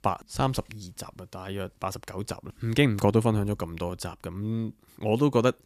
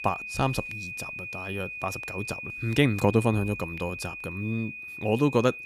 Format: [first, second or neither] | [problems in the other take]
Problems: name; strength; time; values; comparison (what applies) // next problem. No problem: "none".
first | high-pitched whine; loud; throughout; 2.5 kHz, 8 dB below the speech